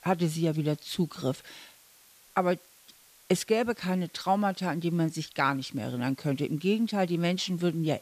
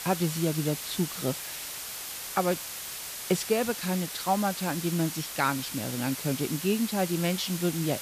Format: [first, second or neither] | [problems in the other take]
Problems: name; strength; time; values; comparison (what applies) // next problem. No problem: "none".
first | hiss; loud; throughout; 5 dB below the speech; faint in the first